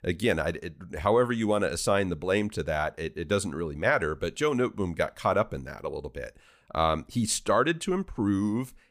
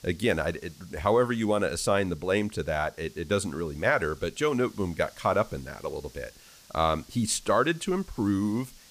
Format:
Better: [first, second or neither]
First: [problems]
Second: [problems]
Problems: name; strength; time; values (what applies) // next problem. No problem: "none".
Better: first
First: none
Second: hiss; faint; throughout; 25 dB below the speech